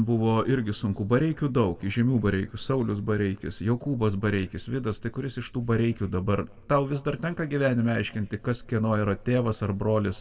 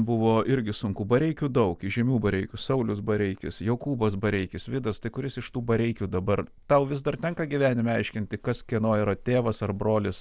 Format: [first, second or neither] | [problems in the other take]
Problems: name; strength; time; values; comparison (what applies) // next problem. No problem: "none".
second | room echo; dies away in 0.7 s